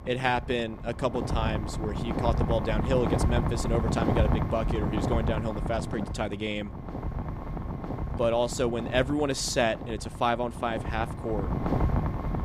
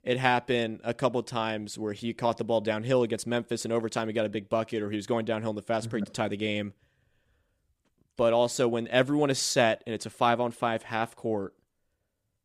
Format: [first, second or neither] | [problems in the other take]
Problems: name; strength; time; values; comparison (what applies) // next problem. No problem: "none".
second | wind noise on the microphone; heavy; 6 dB below the speech